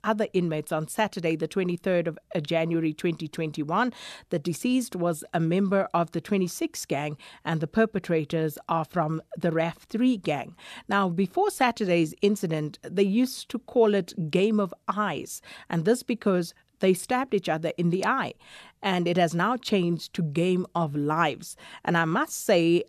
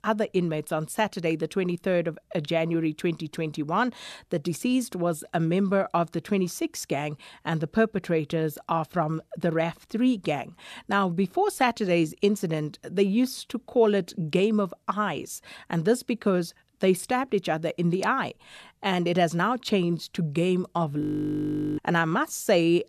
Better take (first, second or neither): first